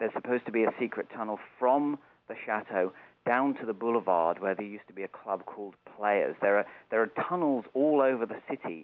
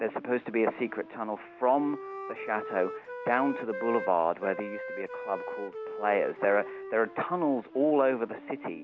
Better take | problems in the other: first | background sound (Wind instrument, woodwind instrument); 11 dB below the speech

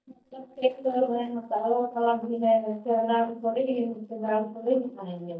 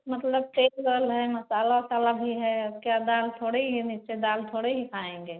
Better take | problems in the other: second | noise reduction (neural mask model DeepFilterNet 3)

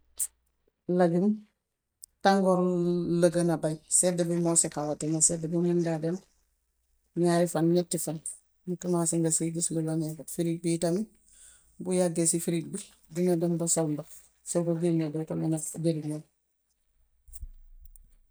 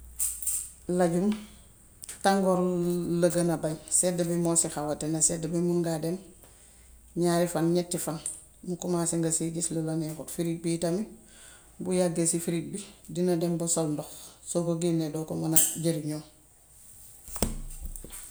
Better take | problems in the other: second | noise reduction (neural mask model DeepFilterNet 3)

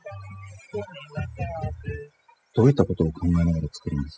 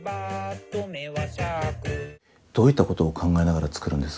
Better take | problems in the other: second | noise reduction (classical method spectral subtraction)

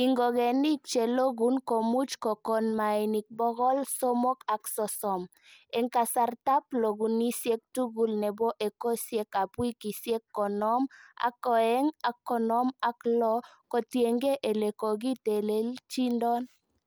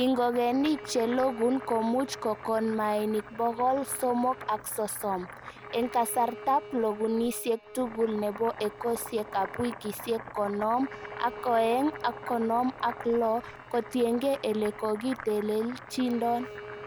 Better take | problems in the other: first | background sound (Boiling + Bowed string instrument); 14 dB below the speech

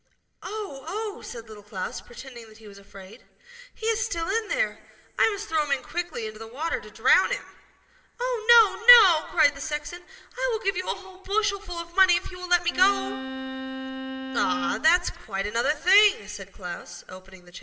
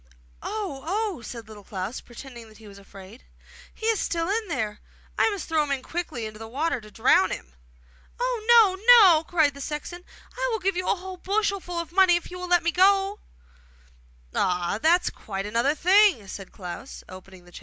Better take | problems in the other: second | noise reduction (neural separator model SepFormer DNS4)

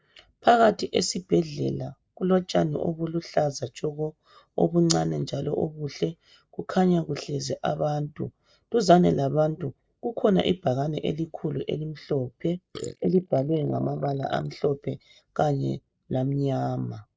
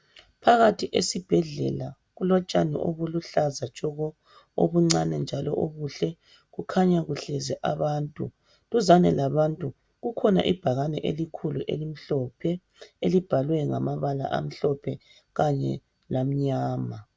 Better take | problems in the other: second | noise reduction (neural mask model Resemble Enhance denoiser)

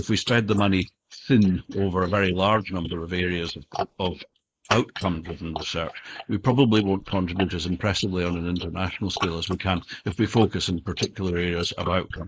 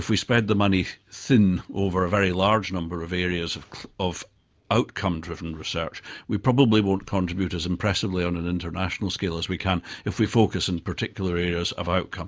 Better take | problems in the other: second | noise reduction (neural mask model Resemble Enhance denoiser)

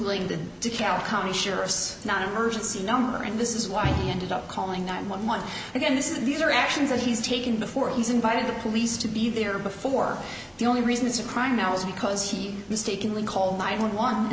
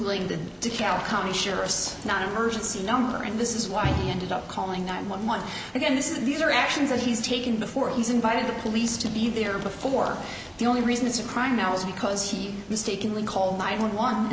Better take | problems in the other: first | background sound (Run); 20 dB below the speech

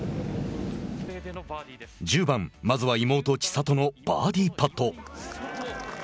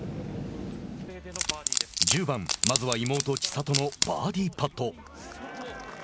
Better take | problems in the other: first | background sound (Wood); 1 dB above the speech

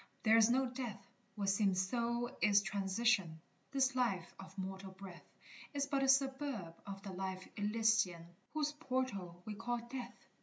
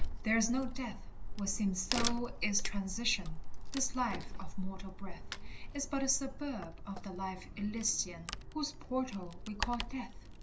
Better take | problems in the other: first | background sound (Tearing / Wood); 3 dB above the speech

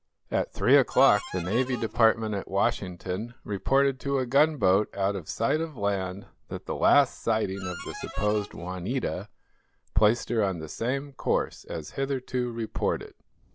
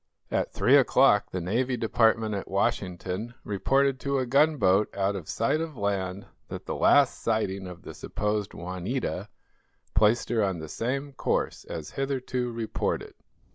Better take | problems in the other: second | background sound (Harmonica); 12 dB below the speech

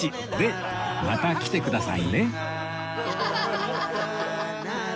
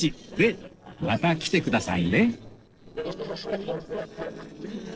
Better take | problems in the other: first | noise reduction (neural separator model SepFormer DNS4)

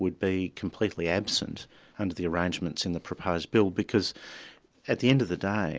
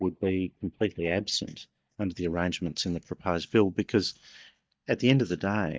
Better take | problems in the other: first | noise reduction (neural mask model DeepFilterNet 3)

